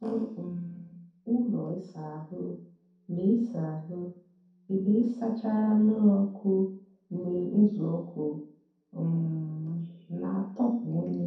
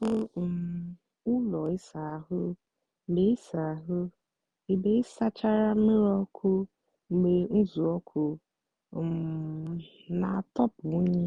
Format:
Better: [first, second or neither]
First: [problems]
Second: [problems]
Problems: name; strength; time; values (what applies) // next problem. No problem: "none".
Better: second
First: room echo; dies away in 0.6 s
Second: none